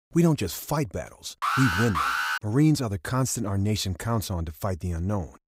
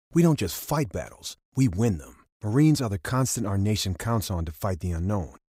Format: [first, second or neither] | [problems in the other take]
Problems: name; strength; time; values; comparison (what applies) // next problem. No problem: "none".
second | alarm; loud; at 1.5 s; peak 2 dB above the speech